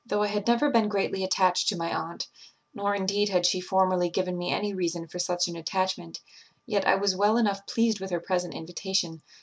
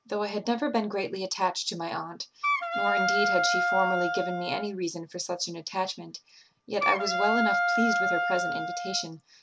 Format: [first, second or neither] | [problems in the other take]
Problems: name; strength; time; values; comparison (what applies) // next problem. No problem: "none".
first | background sound (Wind instrument, woodwind instrument); 2 dB above the speech